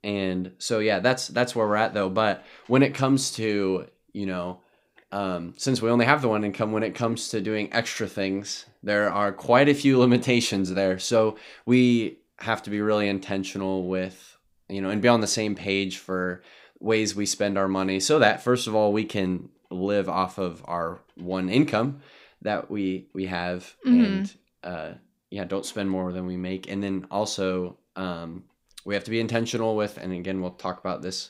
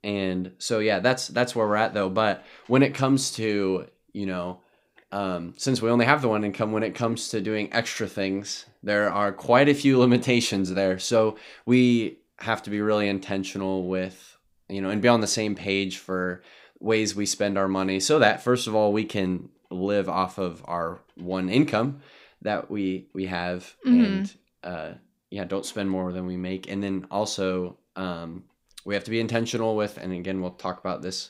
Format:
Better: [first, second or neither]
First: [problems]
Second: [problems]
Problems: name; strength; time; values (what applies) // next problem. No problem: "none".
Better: neither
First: none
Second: none